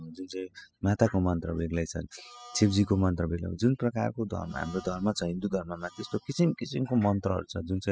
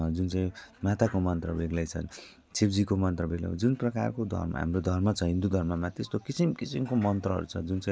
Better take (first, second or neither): second